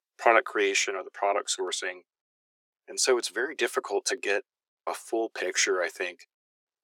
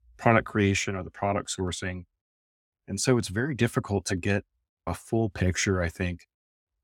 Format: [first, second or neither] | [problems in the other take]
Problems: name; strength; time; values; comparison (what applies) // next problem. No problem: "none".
second | thin; very; fading below 350 Hz